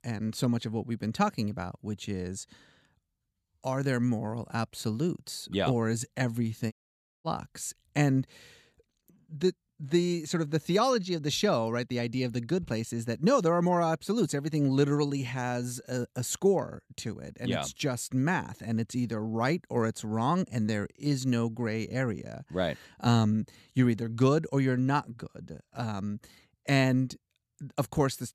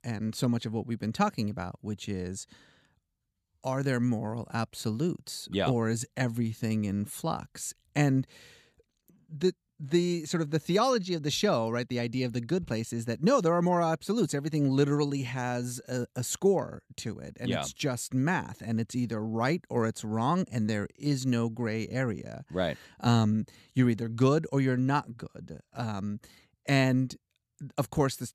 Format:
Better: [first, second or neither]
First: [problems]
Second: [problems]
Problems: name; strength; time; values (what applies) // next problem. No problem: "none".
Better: second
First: audio cutting out; at 6.5 s for 0.5 s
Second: none